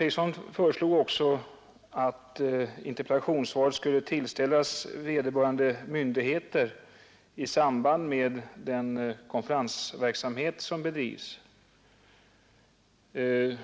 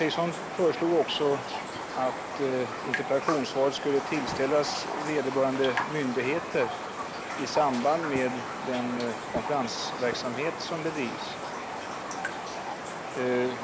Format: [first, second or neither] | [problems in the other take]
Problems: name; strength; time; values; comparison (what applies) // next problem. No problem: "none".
first | background sound (Raindrop); 5 dB below the speech